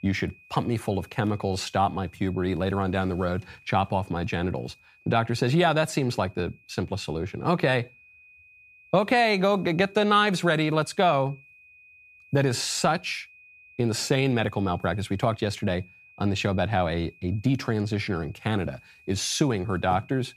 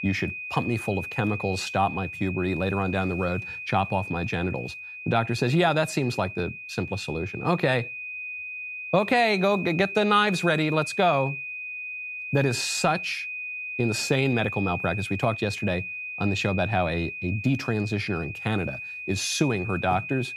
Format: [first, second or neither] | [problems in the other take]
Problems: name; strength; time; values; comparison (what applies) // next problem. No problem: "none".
first | high-pitched whine; loud; throughout; 2.5 kHz, 7 dB below the speech; faint in the first